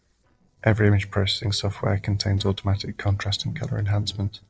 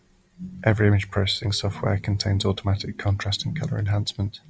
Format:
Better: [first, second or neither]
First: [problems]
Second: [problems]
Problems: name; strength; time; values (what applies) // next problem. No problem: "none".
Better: second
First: noise reduction (neural separator model SepFormer DNS4)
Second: none